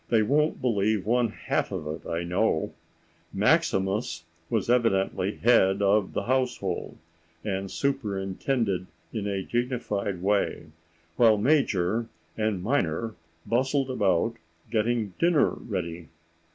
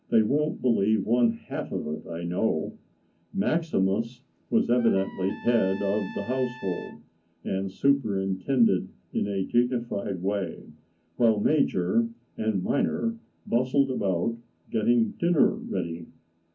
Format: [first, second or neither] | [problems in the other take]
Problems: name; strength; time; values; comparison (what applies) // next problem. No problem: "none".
first | background sound (Trumpet); 20 dB below the speech // room echo; dies away in 0.4 s